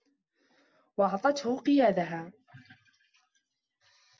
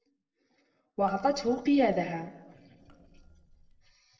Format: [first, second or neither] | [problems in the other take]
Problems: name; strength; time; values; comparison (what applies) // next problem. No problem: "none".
first | noise reduction (neural separator model SepFormer DNS4)